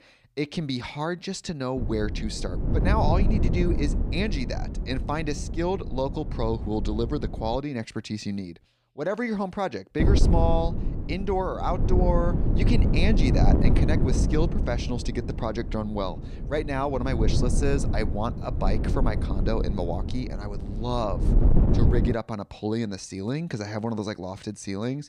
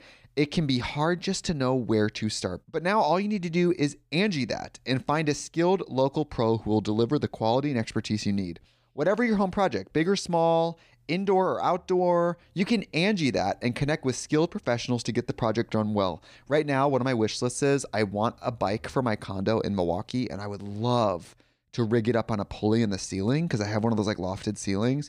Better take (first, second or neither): second